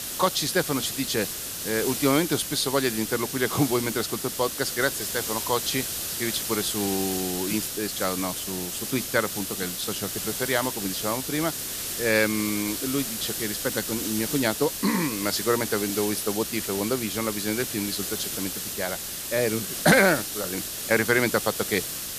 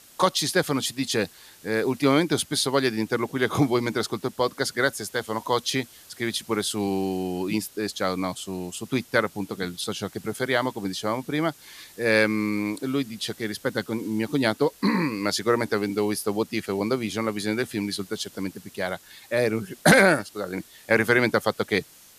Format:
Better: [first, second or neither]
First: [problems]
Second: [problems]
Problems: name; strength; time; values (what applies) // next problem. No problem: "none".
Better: second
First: hiss; loud; throughout; 3 dB below the speech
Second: hiss; faint; throughout; 25 dB below the speech